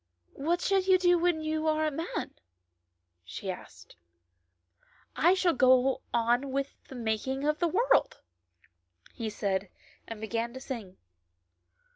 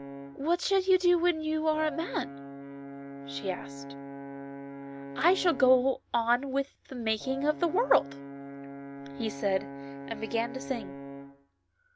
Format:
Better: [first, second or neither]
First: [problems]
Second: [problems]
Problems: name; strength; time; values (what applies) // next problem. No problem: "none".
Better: first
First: none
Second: background sound (Brass instrument); 12 dB below the speech